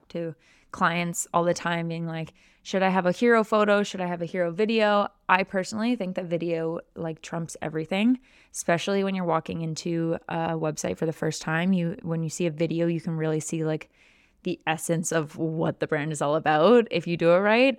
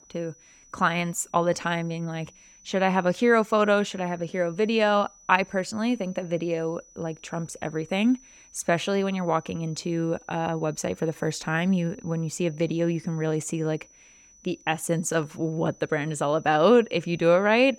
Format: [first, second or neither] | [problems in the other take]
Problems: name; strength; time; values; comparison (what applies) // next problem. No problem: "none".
first | high-pitched whine; faint; throughout; 6 kHz, 25 dB below the speech